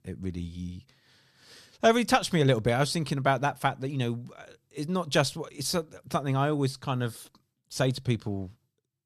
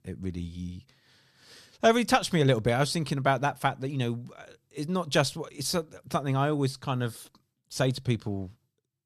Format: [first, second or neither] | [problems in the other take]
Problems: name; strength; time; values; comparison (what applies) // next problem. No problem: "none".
neither | none